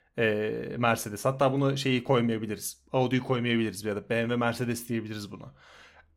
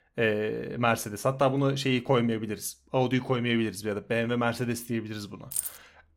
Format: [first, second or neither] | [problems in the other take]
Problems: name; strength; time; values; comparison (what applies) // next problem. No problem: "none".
first | jangling keys; noticeable; at 5.5 s; peak 4 dB below the speech